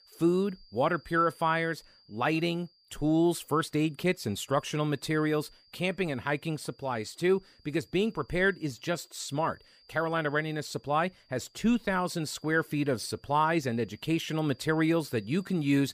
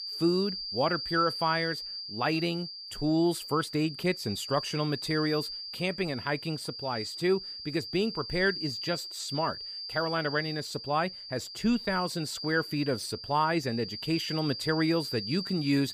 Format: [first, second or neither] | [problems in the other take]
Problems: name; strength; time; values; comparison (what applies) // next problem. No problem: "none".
first | high-pitched whine; loud; throughout; 5 kHz, 6 dB below the speech; faint in the first